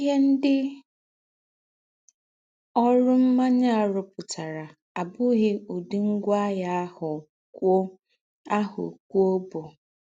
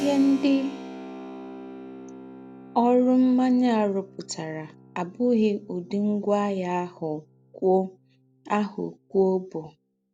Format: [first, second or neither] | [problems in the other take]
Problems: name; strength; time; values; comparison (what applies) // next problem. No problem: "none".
first | background sound (Keyboard (musical)); 17 dB below the speech